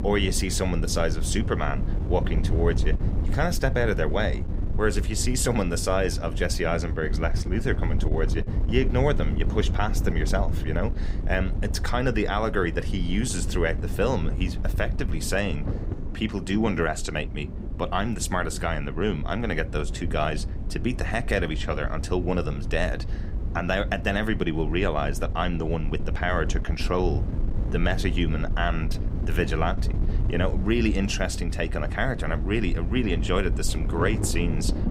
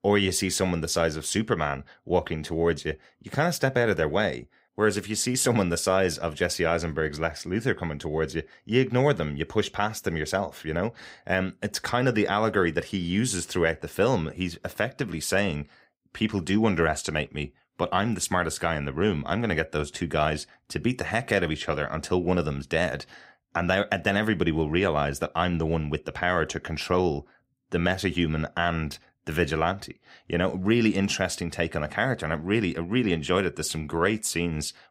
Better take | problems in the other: second | wind noise on the microphone; occasional gusts; 15 dB below the speech

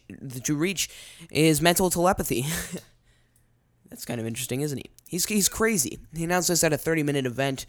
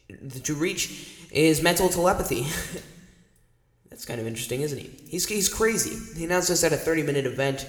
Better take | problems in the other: first | room echo; slight; dies away in 1.1 s

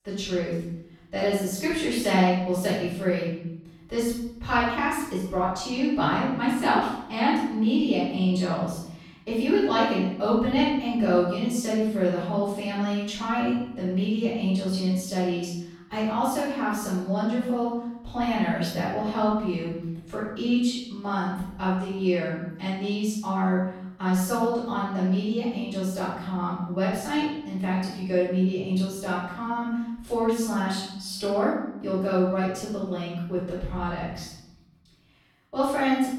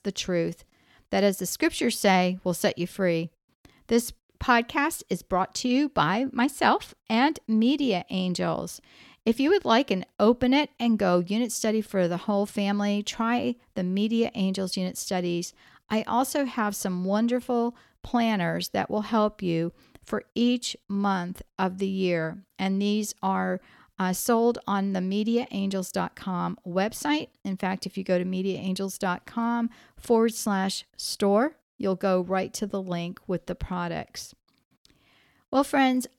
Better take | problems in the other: second | off-mic speech; far // room echo; strong; dies away in 0.9 s

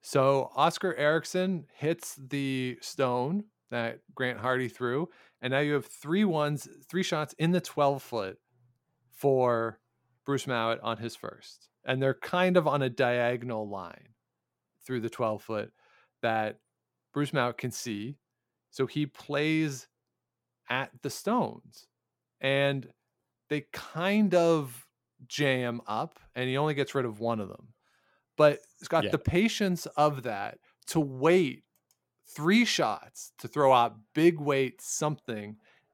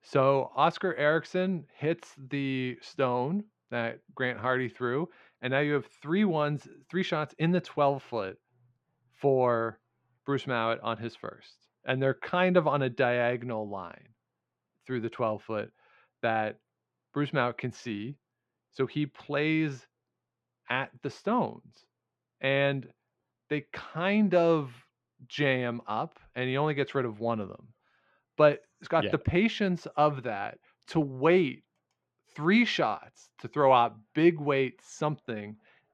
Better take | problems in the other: first | muffled; slightly; fading above 3 kHz

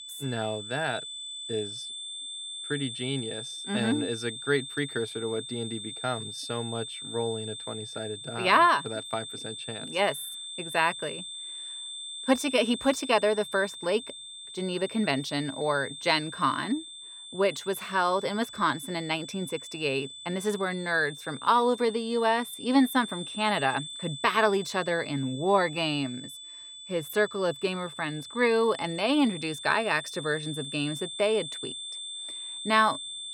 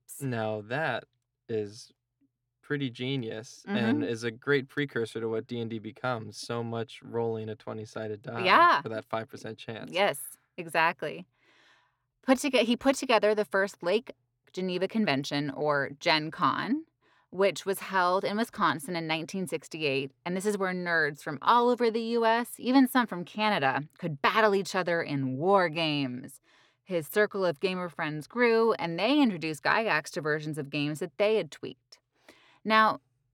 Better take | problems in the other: second | high-pitched whine; loud; throughout; 3.5 kHz, 10 dB below the speech

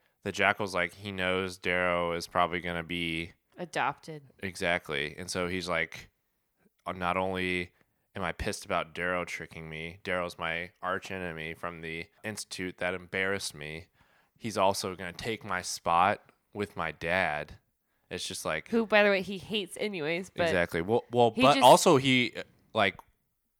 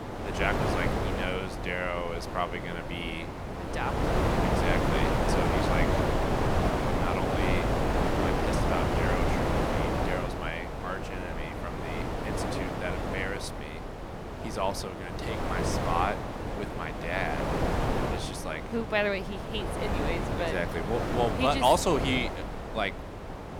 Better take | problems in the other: first | wind noise on the microphone; heavy; as loud as the speech

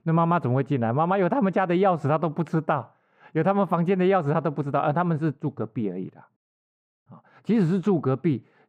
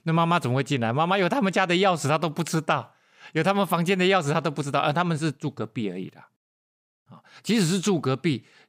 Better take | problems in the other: second | muffled; very; fading above 2.5 kHz

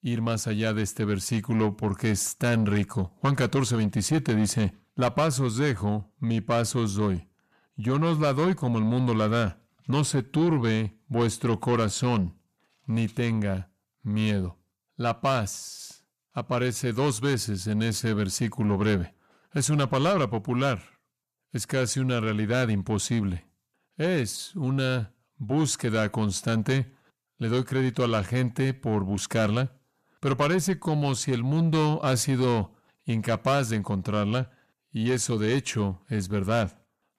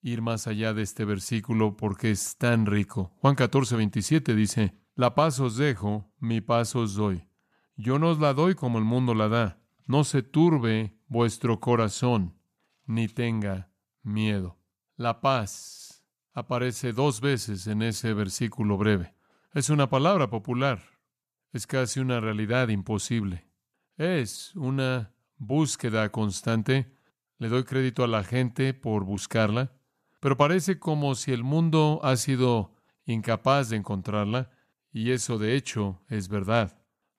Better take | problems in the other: second | distortion; slight; 10 dB below the speech

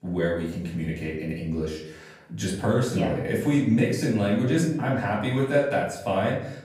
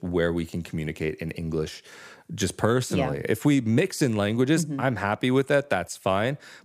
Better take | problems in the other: second | room echo; noticeable; dies away in 0.7 s // off-mic speech; far

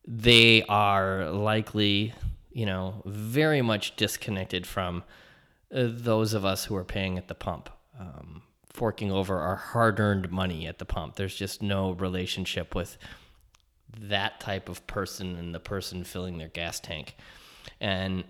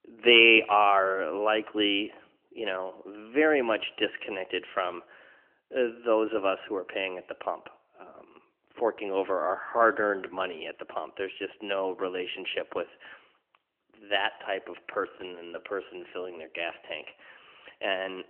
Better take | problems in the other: first | phone-call audio; nothing above 3 kHz

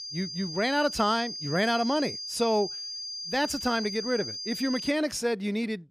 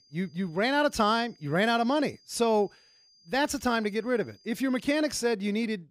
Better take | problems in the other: second | high-pitched whine; loud; until 5 s; 5 kHz, 6 dB below the speech; faint in the second

